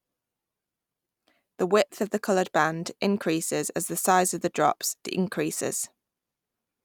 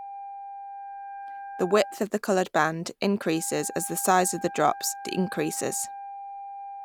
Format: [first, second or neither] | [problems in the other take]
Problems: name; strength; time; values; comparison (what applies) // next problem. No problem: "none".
first | background sound (Wind instrument, woodwind instrument); 12 dB below the speech